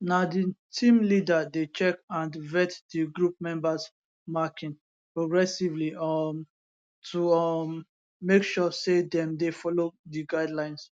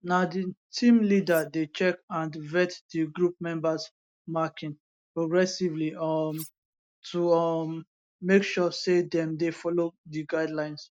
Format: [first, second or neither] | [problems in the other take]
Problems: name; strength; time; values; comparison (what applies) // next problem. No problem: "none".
first | noise reduction (neural mask model DeepFilterNet 3)